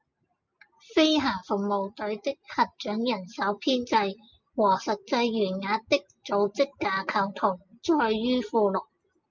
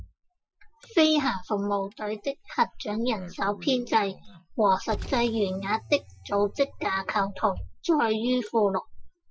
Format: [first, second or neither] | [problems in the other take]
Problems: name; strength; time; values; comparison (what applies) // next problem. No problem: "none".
first | noise reduction (classical method Wiener filter)